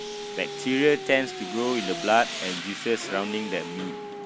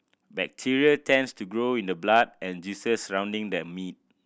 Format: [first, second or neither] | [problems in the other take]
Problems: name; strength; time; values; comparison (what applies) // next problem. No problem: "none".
second | background sound (Tools + Dog); 8 dB below the speech